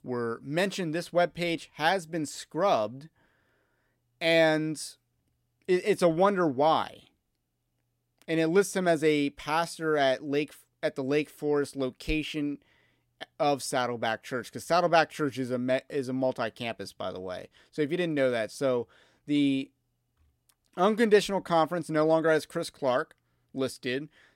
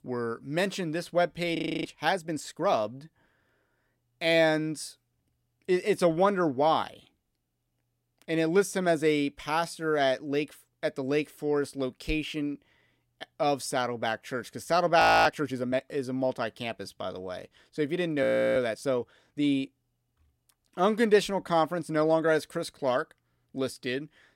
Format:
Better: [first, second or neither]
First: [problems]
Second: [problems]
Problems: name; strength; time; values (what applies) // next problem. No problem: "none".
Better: first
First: none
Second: audio freezing; at 1.5 s, at 15 s and at 18 s